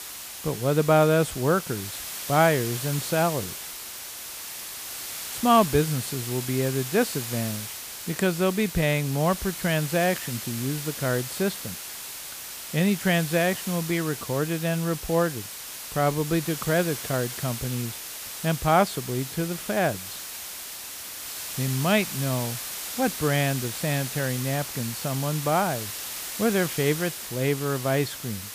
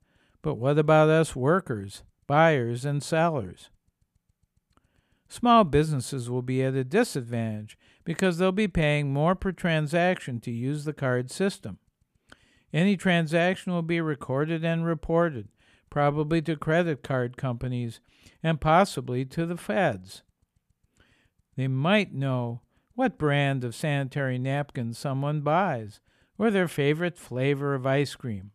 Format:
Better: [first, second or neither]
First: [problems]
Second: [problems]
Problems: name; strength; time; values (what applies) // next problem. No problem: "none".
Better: second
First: hiss; loud; throughout; 7 dB below the speech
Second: none